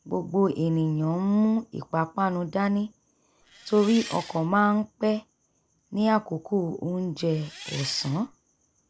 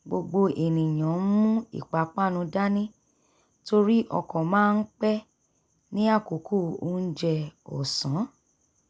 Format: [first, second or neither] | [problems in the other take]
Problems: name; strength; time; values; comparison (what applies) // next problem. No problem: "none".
second | background sound (Engine); 14 dB below the speech